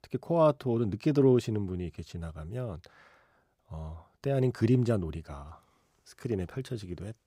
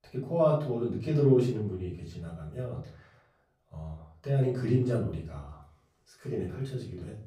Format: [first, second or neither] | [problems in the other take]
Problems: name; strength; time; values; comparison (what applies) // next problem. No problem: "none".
first | off-mic speech; far // room echo; slight; dies away in 0.4 s